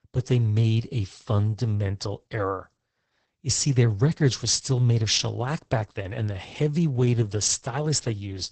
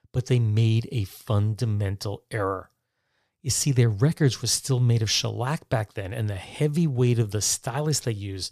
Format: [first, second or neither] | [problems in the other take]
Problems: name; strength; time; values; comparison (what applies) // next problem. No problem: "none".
second | garbled, watery; badly; nothing above 8 kHz